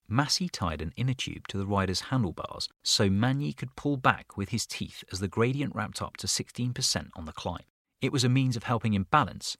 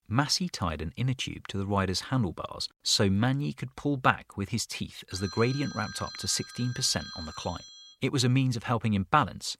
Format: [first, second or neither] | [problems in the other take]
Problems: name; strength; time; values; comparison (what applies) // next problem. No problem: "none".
first | phone ringing; faint; from 5 to 8 s; peak 10 dB below the speech